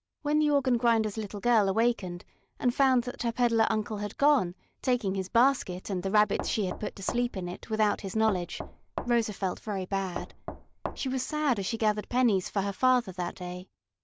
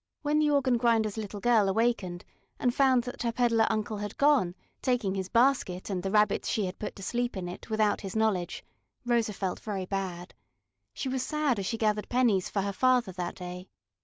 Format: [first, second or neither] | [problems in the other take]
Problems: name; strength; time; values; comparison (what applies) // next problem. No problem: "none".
second | background sound (Knock); 10 dB below the speech